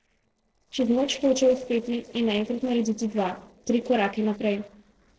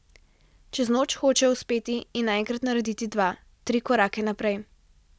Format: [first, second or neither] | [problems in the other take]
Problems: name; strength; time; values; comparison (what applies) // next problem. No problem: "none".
second | noise reduction (neural separator model SepFormer DNS4)